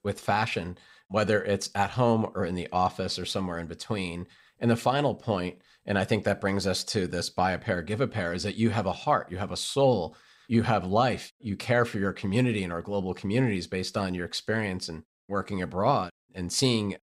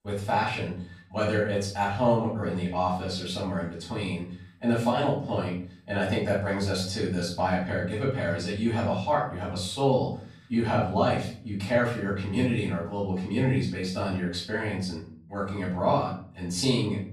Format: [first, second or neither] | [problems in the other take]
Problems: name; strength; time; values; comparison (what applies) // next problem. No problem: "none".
first | off-mic speech; far // room echo; noticeable; dies away in 0.5 s